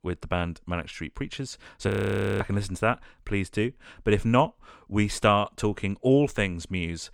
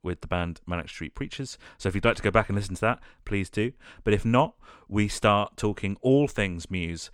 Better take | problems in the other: second | audio freezing; at 2 s for 0.5 s

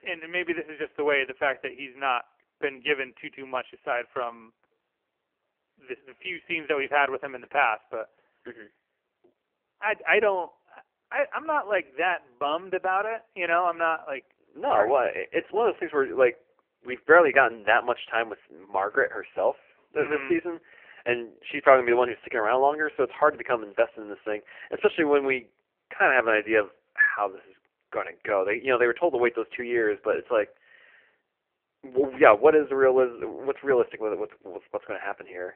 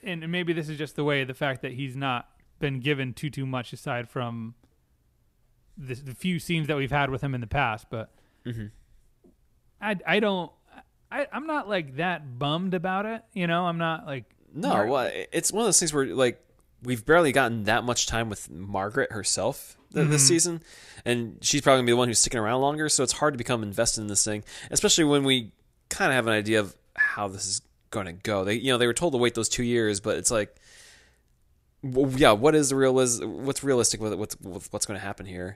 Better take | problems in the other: second | phone-call audio; poor line; nothing above 3 kHz

